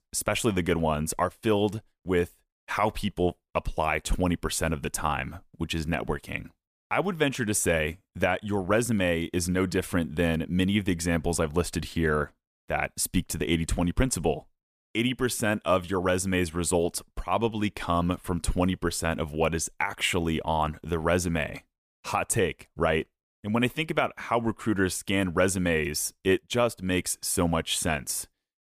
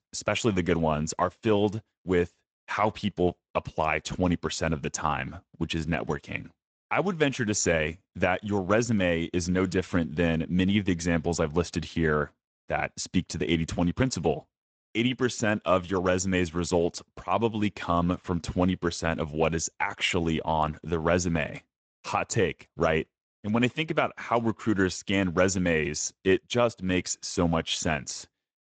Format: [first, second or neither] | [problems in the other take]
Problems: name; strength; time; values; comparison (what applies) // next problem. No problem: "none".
first | garbled, watery; slightly; nothing above 7.5 kHz